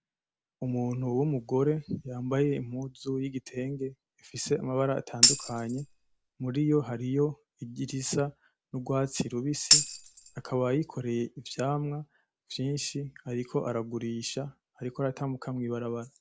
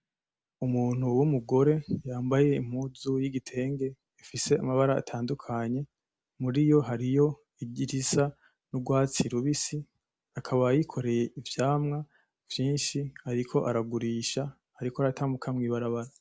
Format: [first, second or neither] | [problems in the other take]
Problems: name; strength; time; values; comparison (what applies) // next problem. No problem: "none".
second | background sound (Tambourine); 4 dB above the speech